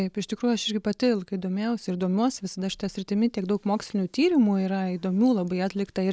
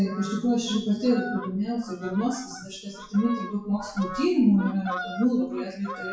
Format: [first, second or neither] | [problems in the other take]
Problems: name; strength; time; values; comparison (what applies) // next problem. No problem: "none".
first | noise reduction (classical method WPE with log-MMSE)